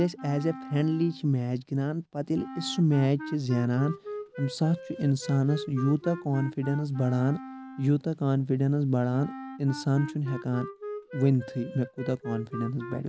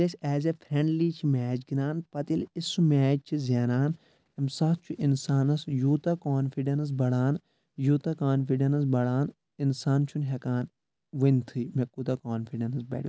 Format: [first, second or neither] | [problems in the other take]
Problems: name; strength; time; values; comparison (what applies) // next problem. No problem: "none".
second | background sound (Wind instrument, woodwind instrument); 13 dB below the speech